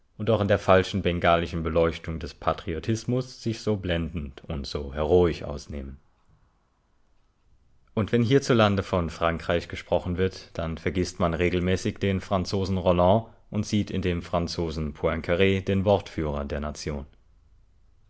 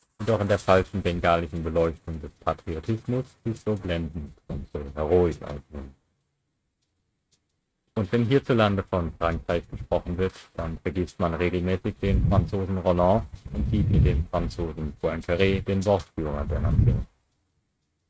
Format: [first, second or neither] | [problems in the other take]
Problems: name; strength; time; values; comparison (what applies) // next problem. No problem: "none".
first | noise reduction (neural mask model RNNoise)